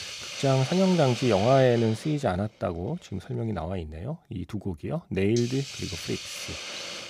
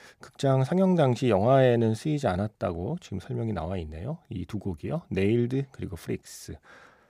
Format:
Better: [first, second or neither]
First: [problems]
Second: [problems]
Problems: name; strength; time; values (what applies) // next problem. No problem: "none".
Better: second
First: hiss; loud; throughout; 9 dB below the speech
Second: none